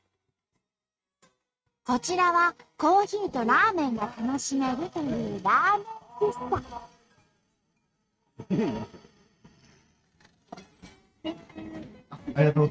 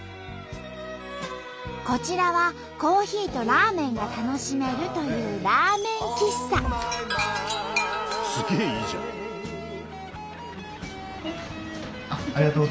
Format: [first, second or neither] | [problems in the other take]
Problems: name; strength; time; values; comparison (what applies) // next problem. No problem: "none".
second | noise reduction (neural mask model RNNoise)